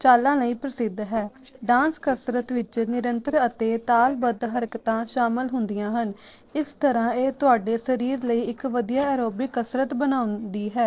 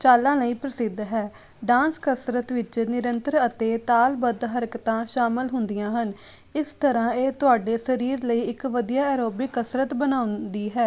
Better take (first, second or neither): second